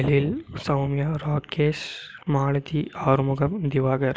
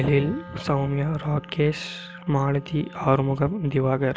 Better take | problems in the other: first | background sound (Wind instrument, woodwind instrument); 19 dB below the speech

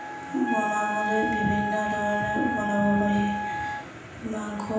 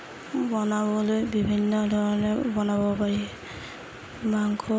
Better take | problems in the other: second | background sound (Wind instrument, woodwind instrument); 2 dB below the speech // room echo; dies away in 0.9 s

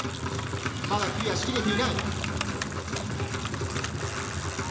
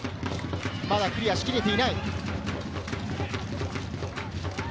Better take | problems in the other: second | background sound (Bicycle); 7 dB below the speech // room echo; dies away in 0.8 s

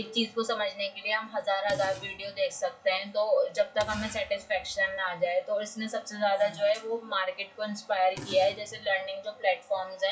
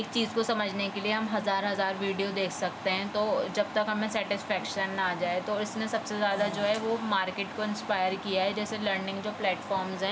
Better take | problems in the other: second | noise reduction (classical method WPE with log-MMSE)

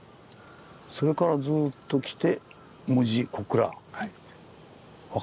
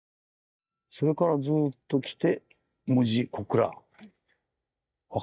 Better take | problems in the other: first | noise reduction (neural mask model DeepFilterNet 3)

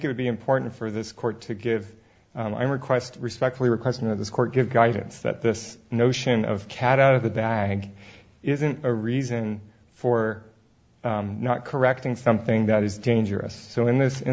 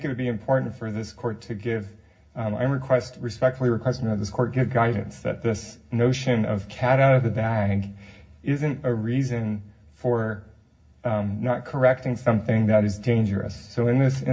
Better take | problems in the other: first | room echo; dies away in 0.4 s

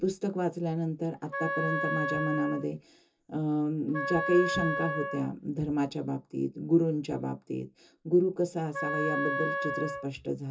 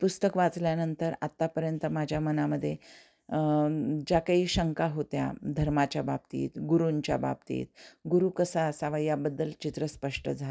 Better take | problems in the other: second | background sound (Wind instrument, woodwind instrument); 4 dB below the speech // room echo; dies away in 0.2 s

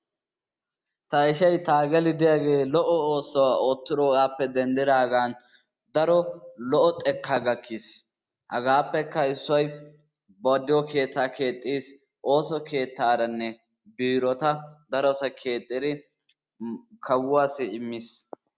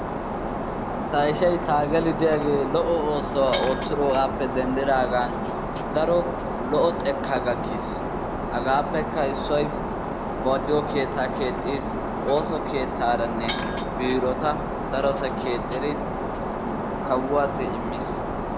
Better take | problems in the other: first | background sound (Shatter); 2 dB below the speech

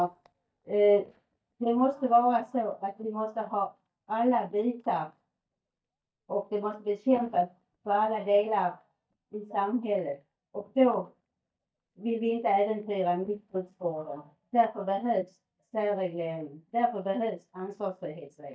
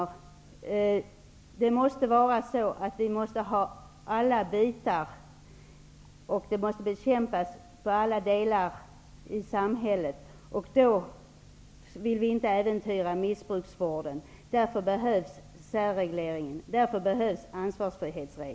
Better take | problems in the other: second | noise reduction (neural mask model DeepFilterNet 3)

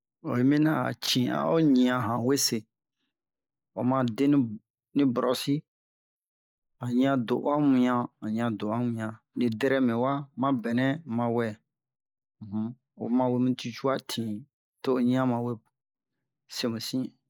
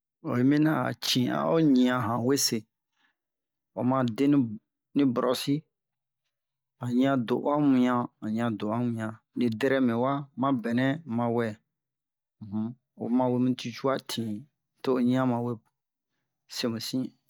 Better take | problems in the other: second | noise reduction (neural mask model Resemble Enhance denoiser)

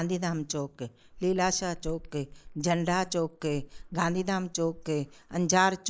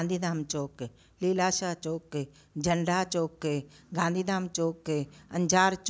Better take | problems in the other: second | noise reduction (neural mask model Resemble Enhance denoiser)

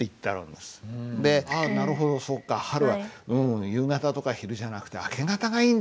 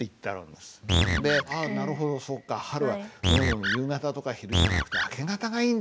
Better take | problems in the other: first | background sound (Animal); 3 dB above the speech

